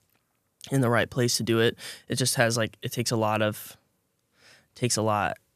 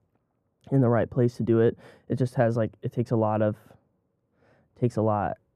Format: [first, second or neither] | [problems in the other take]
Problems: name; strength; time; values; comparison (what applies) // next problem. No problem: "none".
first | muffled; very; fading above 2 kHz